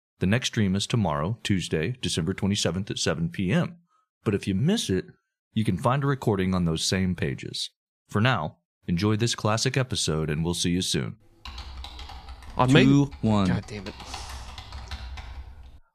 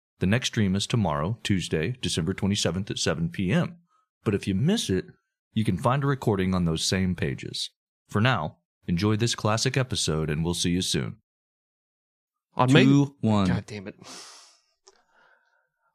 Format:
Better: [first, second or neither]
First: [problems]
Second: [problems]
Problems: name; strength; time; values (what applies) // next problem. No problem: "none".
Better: second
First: keyboard typing; faint; from 11 s on; peak 15 dB below the speech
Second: none